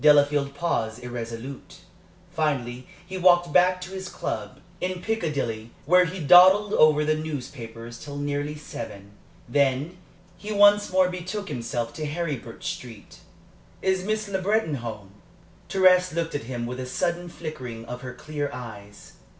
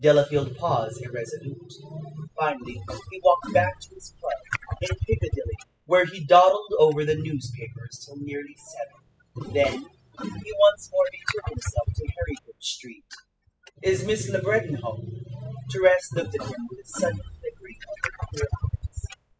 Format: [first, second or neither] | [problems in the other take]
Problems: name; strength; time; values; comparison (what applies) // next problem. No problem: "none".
first | noise reduction (classical method spectral subtraction)